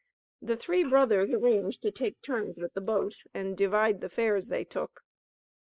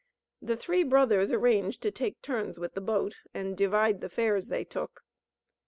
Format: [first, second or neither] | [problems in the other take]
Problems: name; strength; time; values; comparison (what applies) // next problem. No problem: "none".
second | noise reduction (neural mask model Resemble Enhance denoiser)